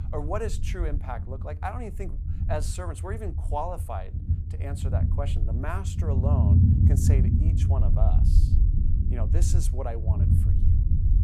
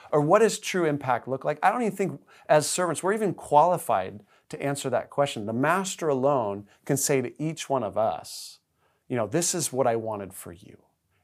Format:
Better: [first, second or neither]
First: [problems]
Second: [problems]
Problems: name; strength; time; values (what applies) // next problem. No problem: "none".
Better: second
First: low rumble; loud; throughout; 3 dB below the speech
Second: none